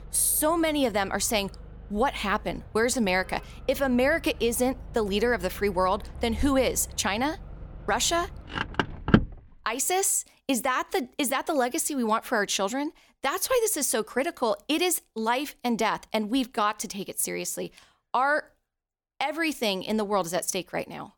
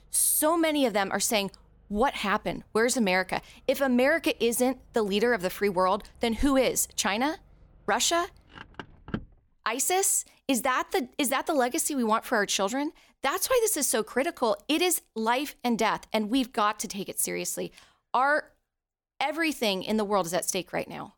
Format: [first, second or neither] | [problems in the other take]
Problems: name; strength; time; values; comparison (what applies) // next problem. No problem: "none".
second | traffic noise; loud; until 9.5 s; 8 dB below the speech; faint in the second